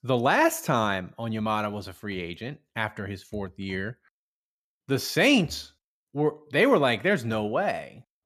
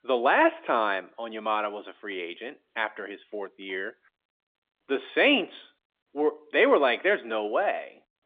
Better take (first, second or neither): first